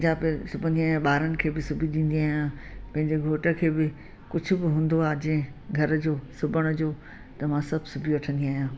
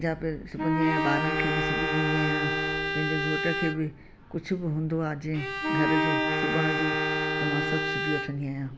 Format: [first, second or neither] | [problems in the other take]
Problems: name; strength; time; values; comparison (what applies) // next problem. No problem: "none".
first | background sound (Bowed string instrument + Wind instrument, woodwind instrument); 2 dB above the speech